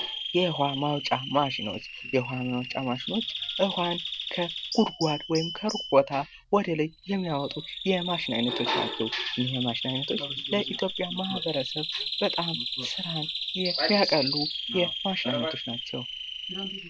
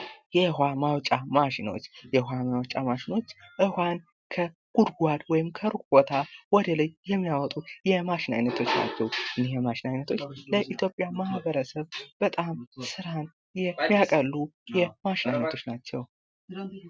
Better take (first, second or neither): second